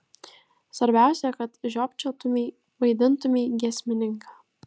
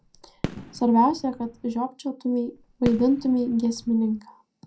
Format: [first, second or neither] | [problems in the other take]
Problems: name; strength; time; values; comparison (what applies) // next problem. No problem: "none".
first | background sound (Fireworks); 13 dB below the speech // room echo; dies away in 0.2 s